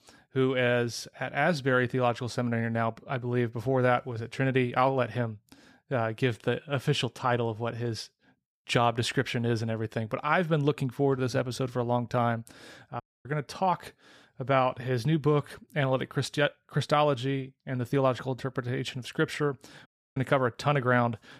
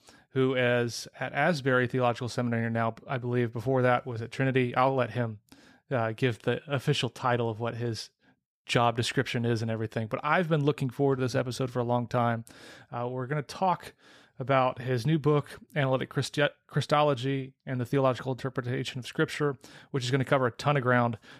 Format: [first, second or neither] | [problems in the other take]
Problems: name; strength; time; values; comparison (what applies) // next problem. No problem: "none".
second | audio cutting out; at 13 s and at 20 s